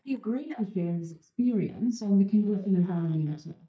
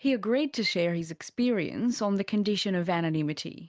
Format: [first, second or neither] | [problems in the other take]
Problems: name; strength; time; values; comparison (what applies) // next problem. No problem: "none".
second | noise reduction (neural mask model DeepFilterNet 3)